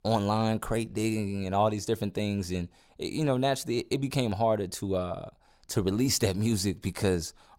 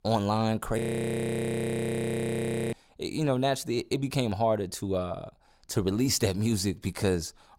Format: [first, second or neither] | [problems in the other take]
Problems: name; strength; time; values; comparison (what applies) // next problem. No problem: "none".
first | audio freezing; at 1 s for 2 s